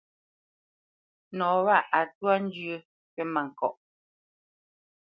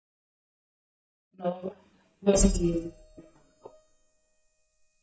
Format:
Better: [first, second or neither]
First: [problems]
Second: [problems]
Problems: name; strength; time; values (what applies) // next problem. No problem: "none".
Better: first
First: none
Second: noise reduction (neural mask model DeepFilterNet 3)